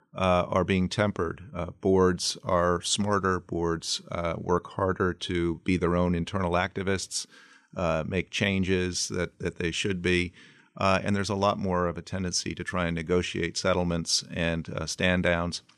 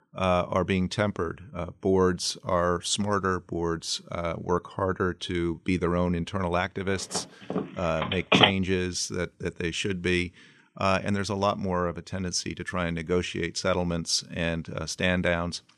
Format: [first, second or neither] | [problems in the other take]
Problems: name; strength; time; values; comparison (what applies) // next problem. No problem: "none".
first | phone ringing; loud; from 7 to 8.5 s; peak 8 dB above the speech